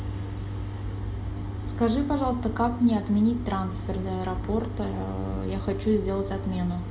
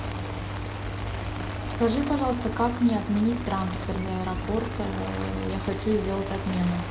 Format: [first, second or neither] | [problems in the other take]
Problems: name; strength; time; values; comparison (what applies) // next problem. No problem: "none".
first | background sound (Rain); 12 dB below the speech // room echo; dies away in 1.5 s